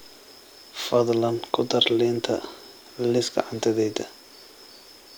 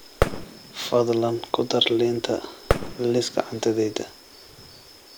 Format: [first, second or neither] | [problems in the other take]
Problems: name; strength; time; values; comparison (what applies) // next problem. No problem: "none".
first | background sound (Fireworks); 6 dB below the speech